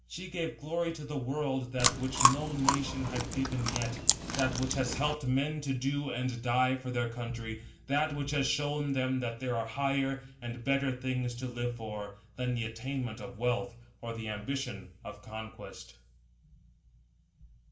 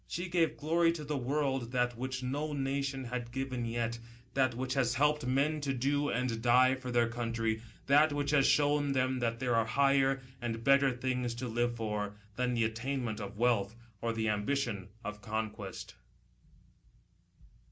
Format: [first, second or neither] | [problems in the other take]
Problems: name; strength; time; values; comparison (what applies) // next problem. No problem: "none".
second | background sound (Chewing, mastication); 2 dB above the speech // room echo; dies away in 0.3 s